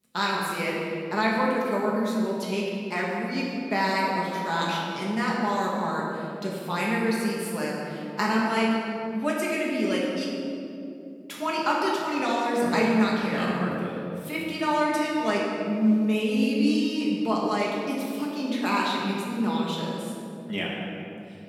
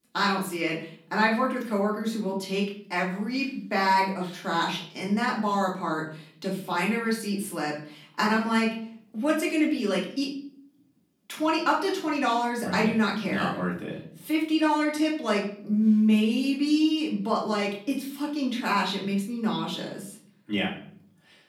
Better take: second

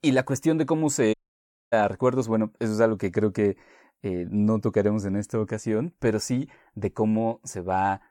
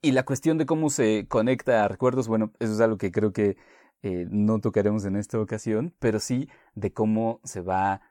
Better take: second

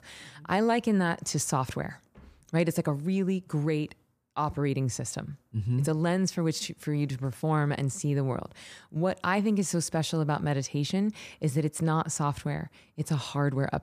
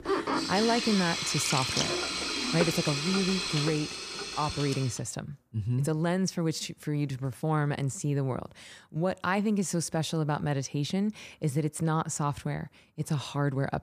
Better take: first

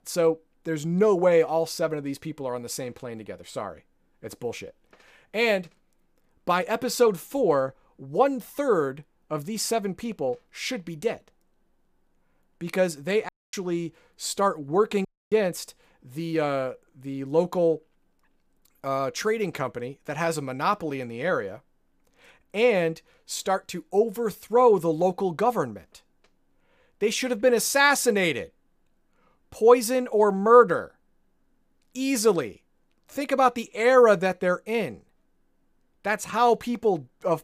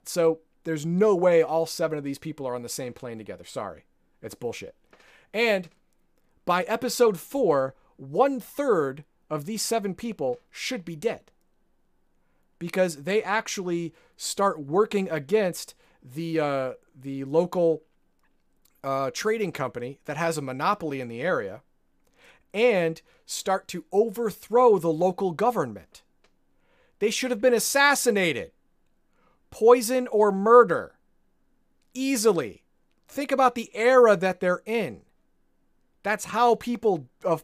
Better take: second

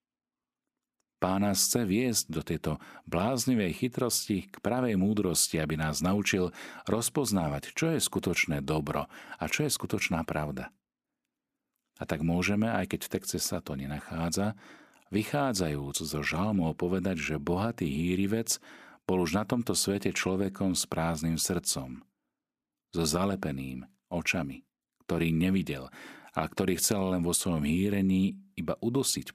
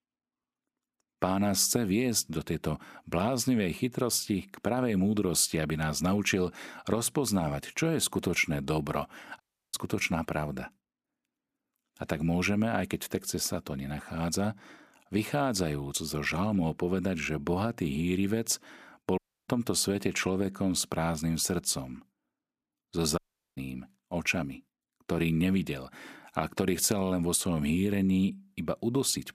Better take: first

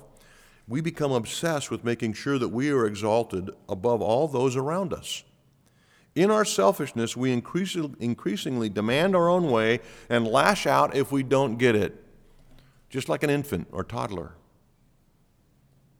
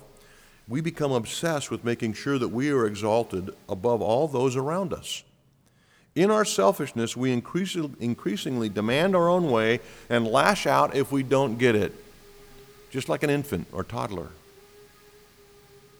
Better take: first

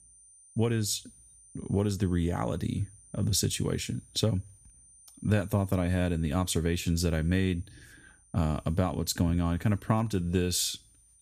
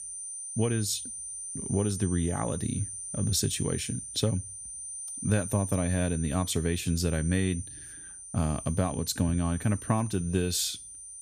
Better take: first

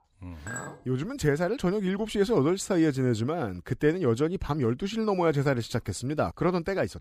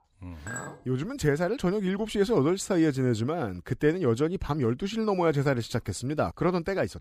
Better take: neither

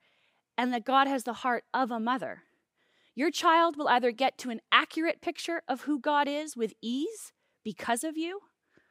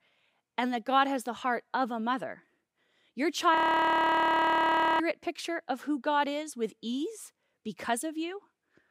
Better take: first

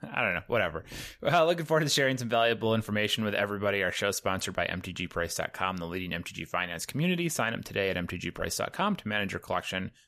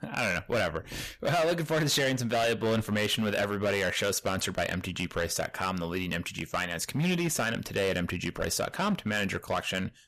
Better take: first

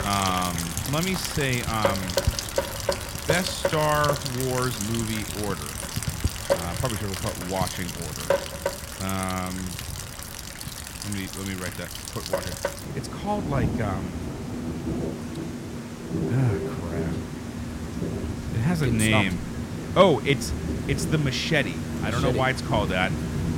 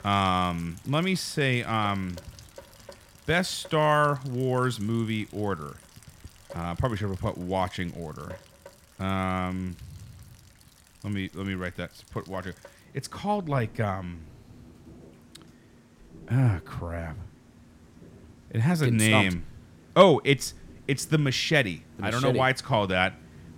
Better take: second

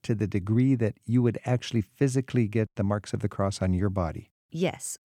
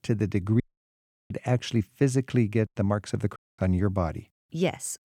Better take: first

